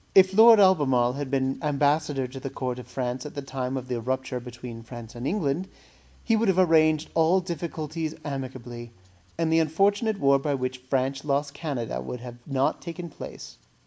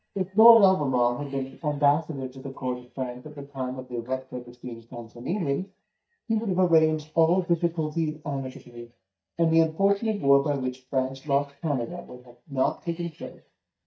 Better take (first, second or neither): first